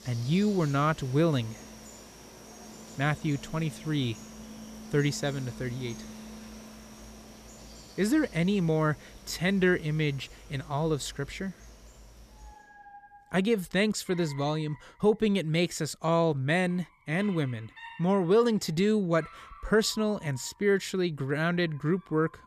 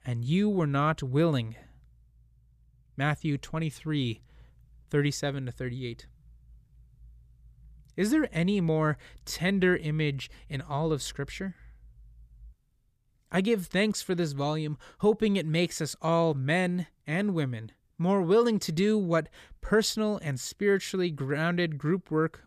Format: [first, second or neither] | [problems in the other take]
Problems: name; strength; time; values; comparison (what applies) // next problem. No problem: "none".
second | animal sounds; noticeable; throughout; 20 dB below the speech